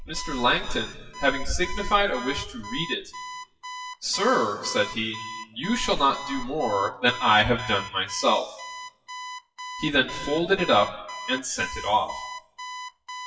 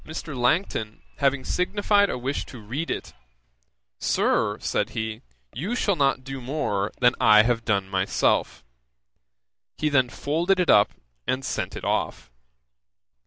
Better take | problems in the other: second | noise reduction (classical method WPE with log-MMSE)

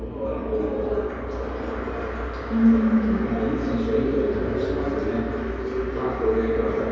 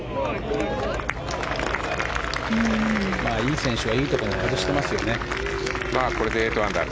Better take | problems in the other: second | room echo; dies away in 2.2 s

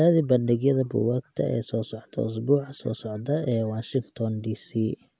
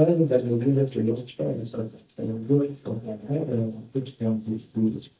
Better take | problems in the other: first | noise reduction (neural mask model DeepFilterNet 3)

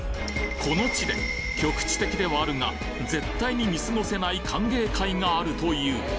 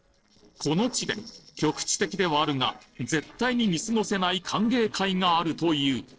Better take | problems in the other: first | noise reduction (neural separator model SepFormer DNS4)

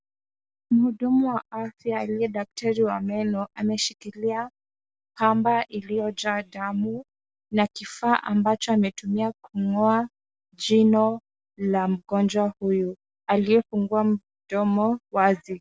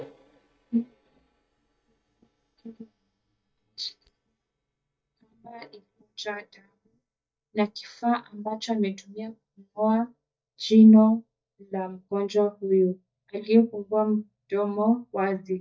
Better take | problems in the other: first | noise reduction (neural mask model DeepFilterNet 3)

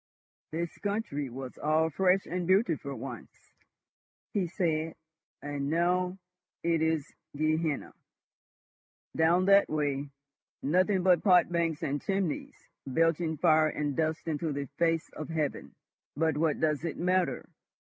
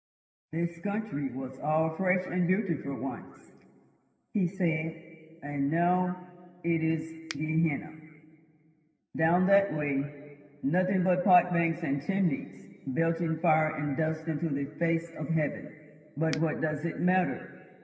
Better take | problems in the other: first | background sound (Finger snapping); 13 dB below the speech // room echo; dies away in 2 s

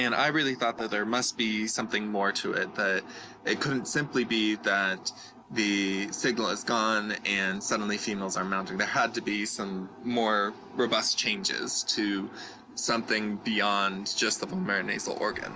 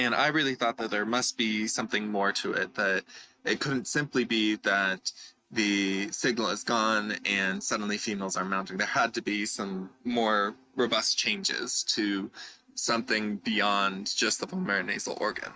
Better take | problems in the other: first | noise reduction (neural mask model RNNoise)

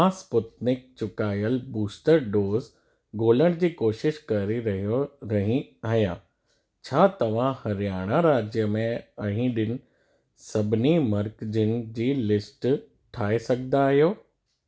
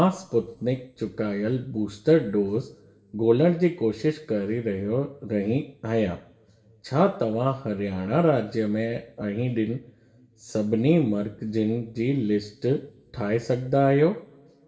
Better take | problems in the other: first | room echo; dies away in 1.1 s

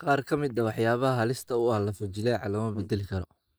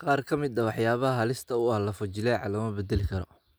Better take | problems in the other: second | noise reduction (neural mask model DeepFilterNet 3)

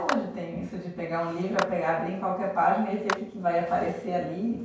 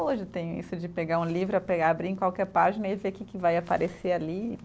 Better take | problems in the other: second | background sound (Clapping); 11 dB below the speech // room echo; dies away in 0.5 s

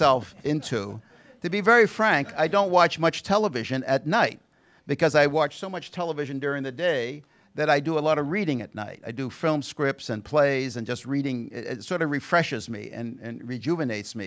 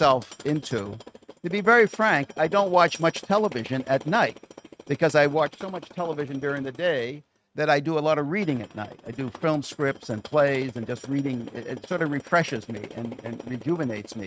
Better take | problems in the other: first | noise reduction (neural mask model RNNoise)

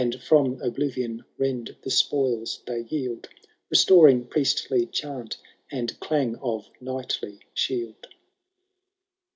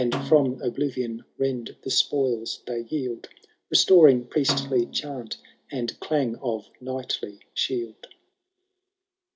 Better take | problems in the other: first | background sound (Snare drum); 13 dB below the speech

